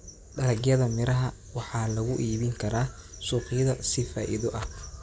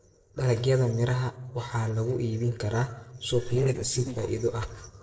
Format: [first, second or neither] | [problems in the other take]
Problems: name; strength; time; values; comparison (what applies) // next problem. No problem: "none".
first | noise reduction (neural separator model SepFormer DNS4)